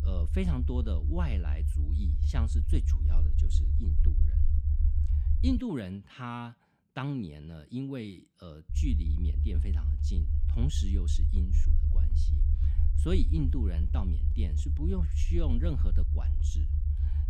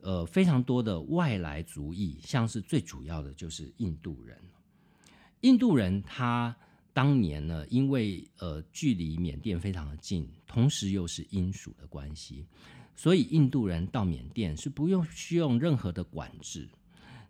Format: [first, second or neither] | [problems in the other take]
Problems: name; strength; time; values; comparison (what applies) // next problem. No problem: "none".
second | low rumble; loud; until 5.5 s and from 8.5 s on; 6 dB below the speech